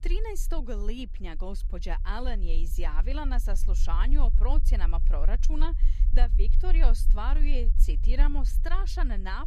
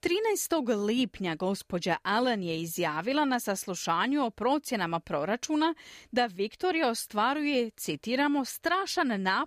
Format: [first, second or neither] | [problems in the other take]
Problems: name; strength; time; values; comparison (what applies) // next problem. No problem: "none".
second | low rumble; noticeable; throughout; 15 dB below the speech